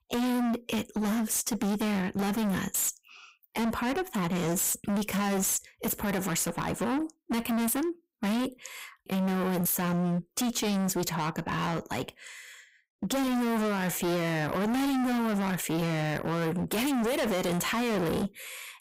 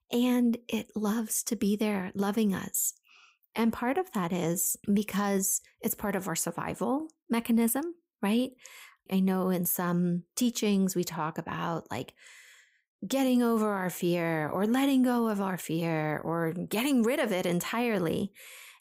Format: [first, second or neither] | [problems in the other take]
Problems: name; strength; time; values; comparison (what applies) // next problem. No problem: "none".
second | distortion; heavy; 34% of the sound clipped